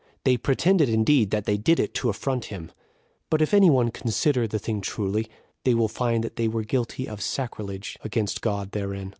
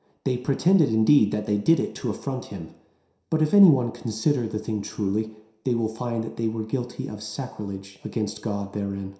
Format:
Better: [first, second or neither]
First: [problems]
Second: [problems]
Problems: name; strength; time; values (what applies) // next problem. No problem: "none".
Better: first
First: none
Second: room echo; dies away in 0.7 s